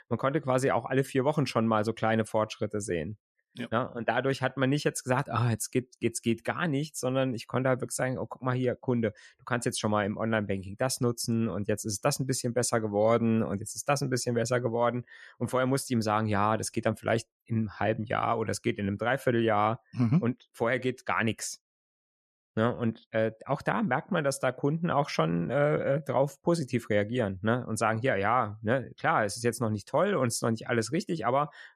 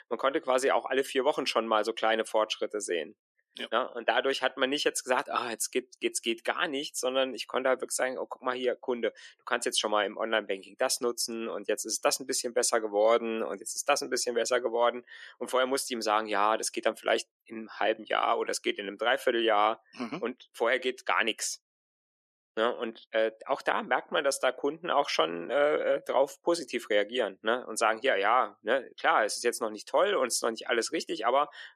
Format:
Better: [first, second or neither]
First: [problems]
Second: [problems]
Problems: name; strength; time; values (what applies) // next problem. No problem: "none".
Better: first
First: none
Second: thin; somewhat; fading below 350 Hz